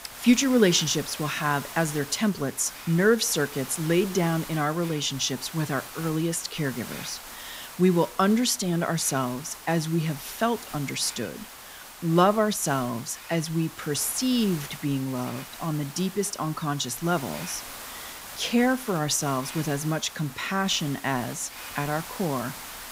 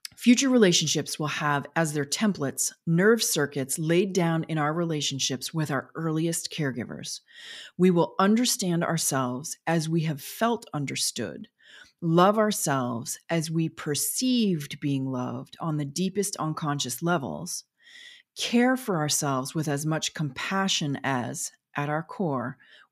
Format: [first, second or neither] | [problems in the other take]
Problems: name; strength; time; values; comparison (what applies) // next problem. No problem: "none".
second | hiss; noticeable; throughout; 15 dB below the speech